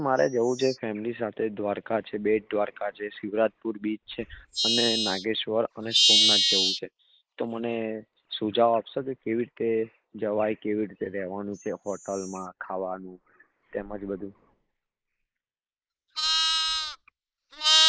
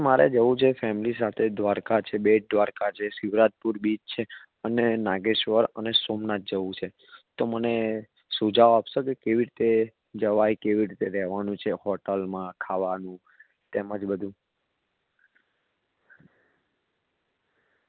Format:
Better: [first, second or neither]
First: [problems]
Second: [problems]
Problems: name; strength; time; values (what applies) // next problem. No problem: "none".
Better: second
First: noise reduction (neural mask model Resemble Enhance denoiser)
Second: none